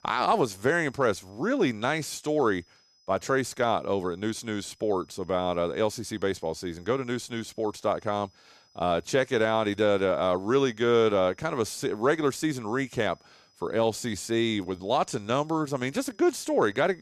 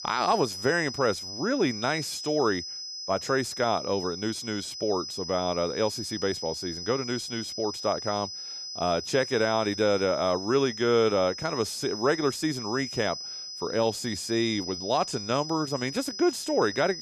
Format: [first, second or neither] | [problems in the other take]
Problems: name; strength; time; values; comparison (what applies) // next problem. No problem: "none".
first | high-pitched whine; loud; throughout; 5 kHz, 7 dB below the speech; faint in the first